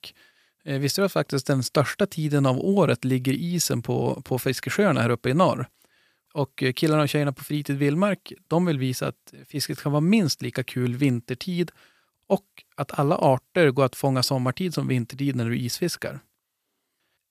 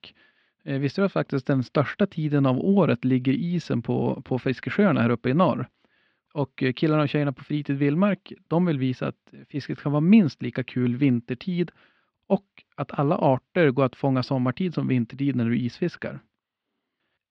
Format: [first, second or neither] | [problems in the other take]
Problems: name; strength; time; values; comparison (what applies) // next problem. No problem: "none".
first | muffled; slightly; fading above 3.5 kHz